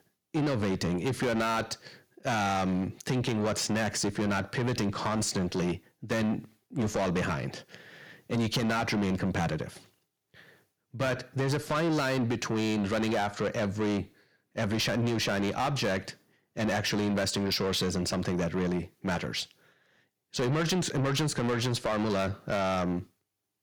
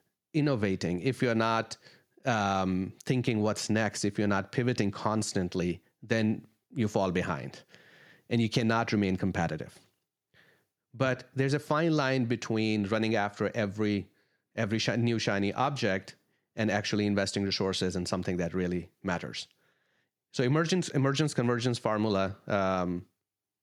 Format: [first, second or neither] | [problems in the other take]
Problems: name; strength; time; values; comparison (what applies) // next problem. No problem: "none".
second | distortion; heavy; 7 dB below the speech